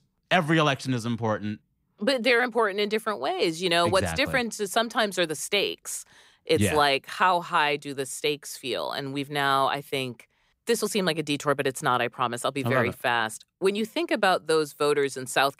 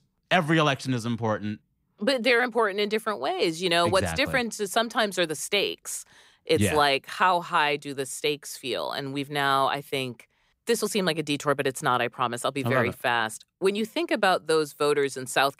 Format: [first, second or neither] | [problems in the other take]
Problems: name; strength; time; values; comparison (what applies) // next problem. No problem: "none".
neither | none